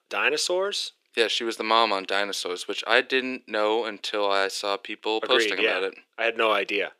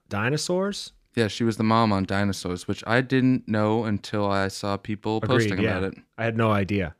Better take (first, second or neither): second